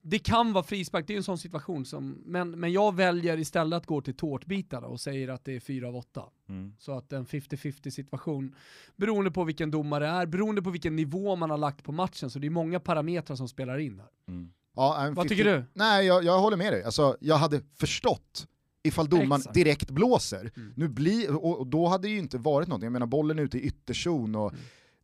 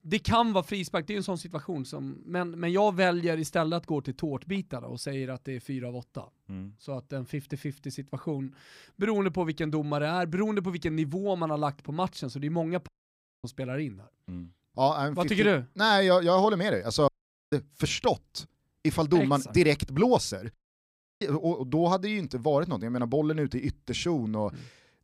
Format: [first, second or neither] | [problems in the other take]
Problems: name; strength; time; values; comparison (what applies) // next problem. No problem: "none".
first | audio cutting out; at 13 s for 0.5 s, at 17 s and at 21 s for 0.5 s